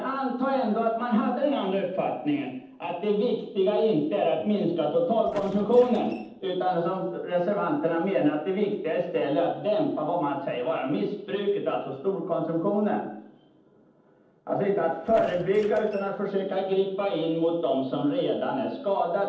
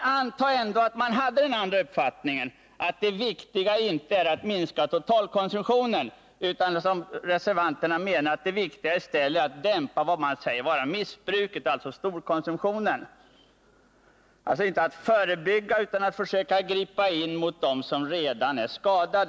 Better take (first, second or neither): second